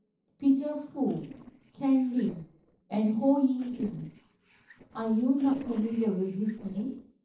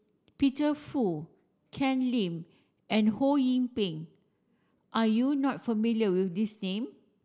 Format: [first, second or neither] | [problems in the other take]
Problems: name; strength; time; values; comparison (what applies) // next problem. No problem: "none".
second | noise reduction (neural separator model SepFormer DNS4)